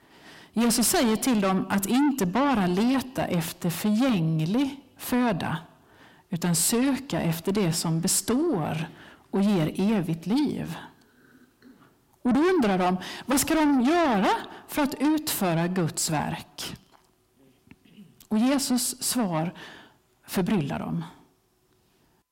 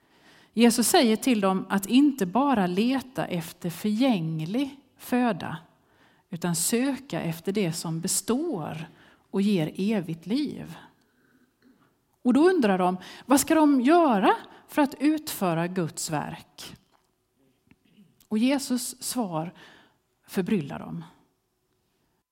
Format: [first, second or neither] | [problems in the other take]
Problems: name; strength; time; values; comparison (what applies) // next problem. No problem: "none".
second | distortion; heavy; 6 dB below the speech